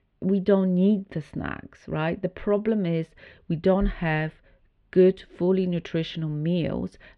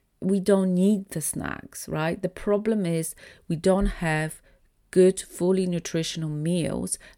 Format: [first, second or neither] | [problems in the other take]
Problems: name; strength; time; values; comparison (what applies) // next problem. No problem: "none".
second | muffled; slightly; fading above 3 kHz